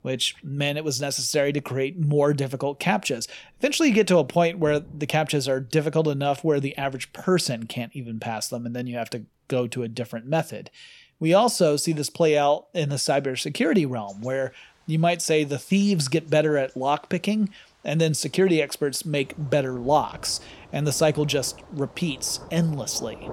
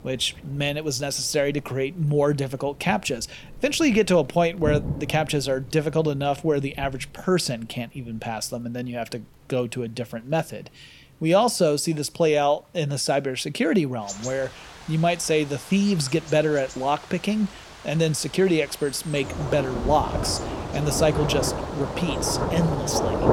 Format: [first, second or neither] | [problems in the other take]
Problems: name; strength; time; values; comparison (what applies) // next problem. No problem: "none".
first | rain or running water; loud; throughout; 8 dB below the speech; faint in the first